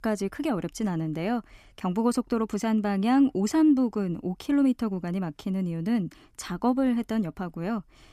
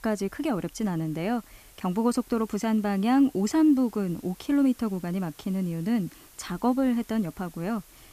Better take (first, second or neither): first